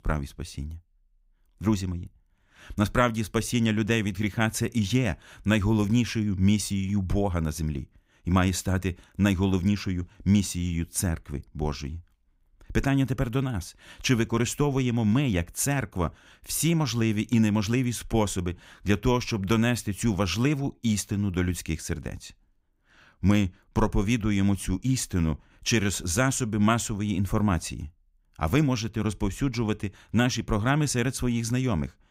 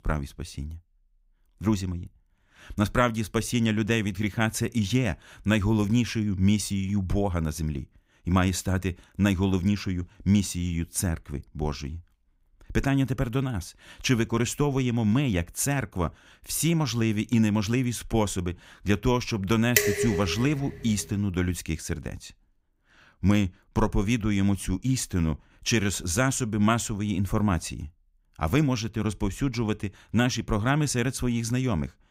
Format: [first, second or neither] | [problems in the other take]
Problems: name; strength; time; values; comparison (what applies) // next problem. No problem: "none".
first | clattering dishes; loud; at 20 s; peak 4 dB above the speech